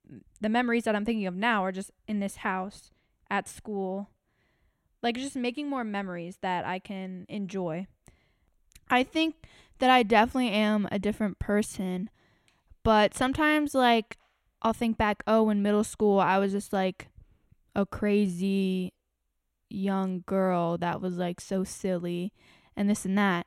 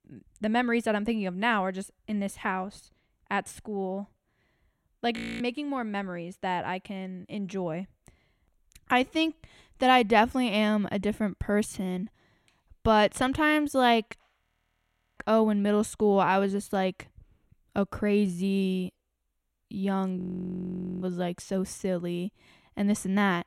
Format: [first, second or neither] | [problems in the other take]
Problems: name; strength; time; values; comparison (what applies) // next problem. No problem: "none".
first | audio freezing; at 5 s, at 14 s for 1 s and at 20 s for 1 s